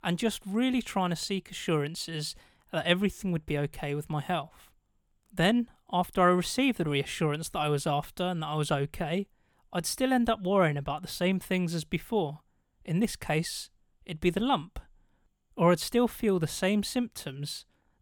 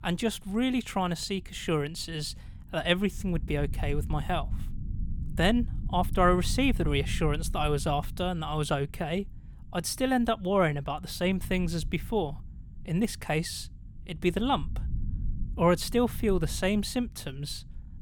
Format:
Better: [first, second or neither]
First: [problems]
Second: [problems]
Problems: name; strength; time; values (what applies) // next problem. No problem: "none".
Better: first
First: none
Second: low rumble; faint; throughout; 25 dB below the speech